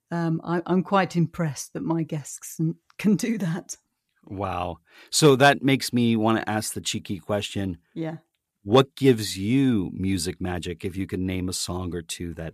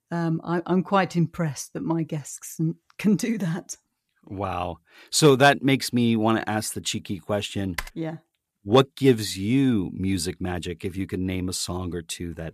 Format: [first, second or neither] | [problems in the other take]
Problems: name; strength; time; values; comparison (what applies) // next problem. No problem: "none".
first | keyboard typing; faint; at 8 s; peak 10 dB below the speech